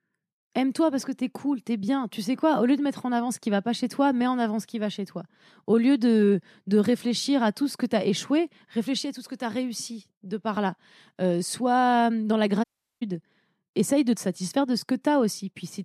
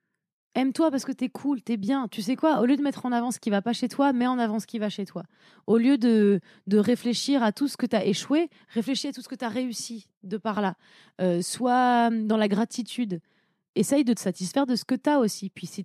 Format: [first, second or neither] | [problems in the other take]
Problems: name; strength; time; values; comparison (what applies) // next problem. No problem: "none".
second | audio cutting out; at 13 s